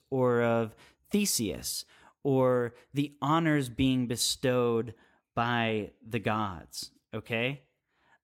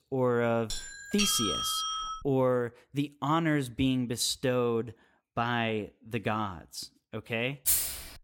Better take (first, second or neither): first